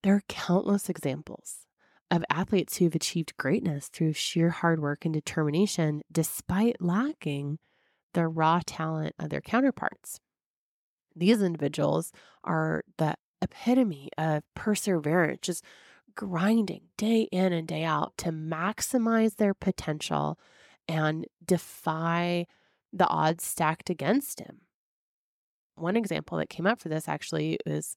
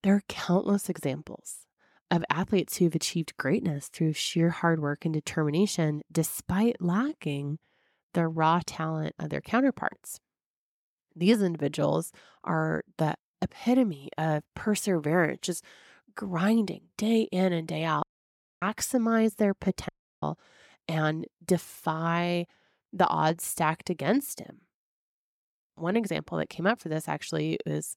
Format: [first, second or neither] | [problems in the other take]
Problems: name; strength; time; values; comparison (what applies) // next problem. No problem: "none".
first | audio cutting out; at 18 s for 0.5 s and at 20 s